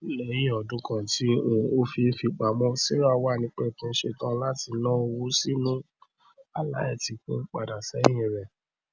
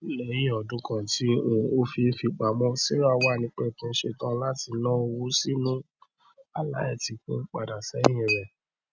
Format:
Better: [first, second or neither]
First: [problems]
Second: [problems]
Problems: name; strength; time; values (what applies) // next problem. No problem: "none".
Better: first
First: none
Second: noise reduction (neural mask model RNNoise)